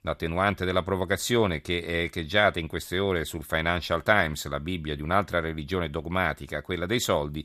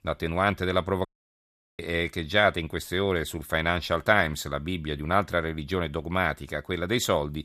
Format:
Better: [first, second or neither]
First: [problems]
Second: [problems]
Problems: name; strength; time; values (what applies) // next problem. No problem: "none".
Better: first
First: none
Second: audio cutting out; at 1 s for 0.5 s